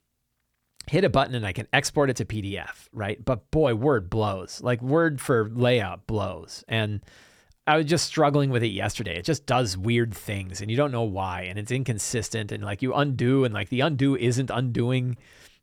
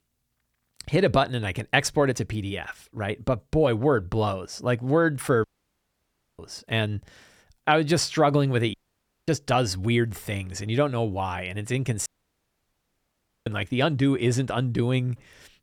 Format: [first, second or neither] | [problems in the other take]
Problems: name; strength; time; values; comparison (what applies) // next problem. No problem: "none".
first | audio cutting out; at 5.5 s for 1 s, at 8.5 s for 0.5 s and at 12 s for 1.5 s